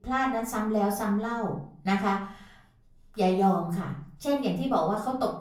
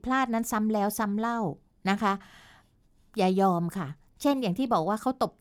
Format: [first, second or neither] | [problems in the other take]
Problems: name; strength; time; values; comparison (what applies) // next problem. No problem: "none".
second | off-mic speech; far // room echo; slight; dies away in 0.4 s